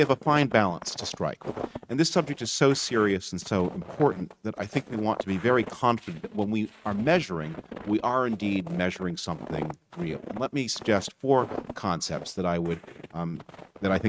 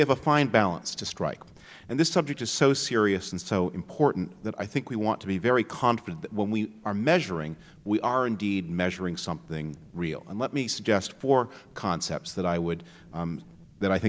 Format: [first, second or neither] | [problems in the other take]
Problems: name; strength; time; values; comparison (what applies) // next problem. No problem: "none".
second | noise reduction (neural mask model RNNoise)